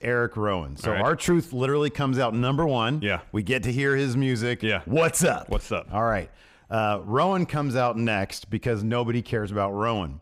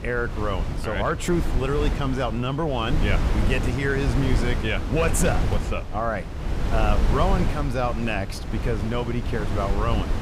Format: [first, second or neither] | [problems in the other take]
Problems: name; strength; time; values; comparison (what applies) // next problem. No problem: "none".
first | wind noise on the microphone; heavy; 7 dB below the speech